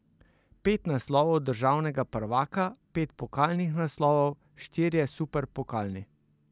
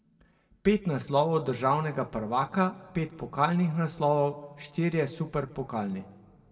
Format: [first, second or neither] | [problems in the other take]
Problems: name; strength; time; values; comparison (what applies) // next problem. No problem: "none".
first | room echo; dies away in 1.3 s